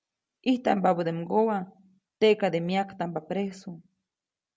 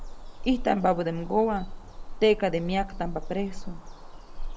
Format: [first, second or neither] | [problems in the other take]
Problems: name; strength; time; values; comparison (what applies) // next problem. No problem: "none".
first | background sound (Bird vocalization, bird call, bird song); 7 dB below the speech